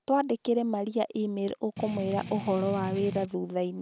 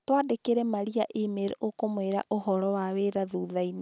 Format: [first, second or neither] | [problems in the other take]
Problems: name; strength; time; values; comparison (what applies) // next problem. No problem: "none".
second | background sound (Strum); 9 dB below the speech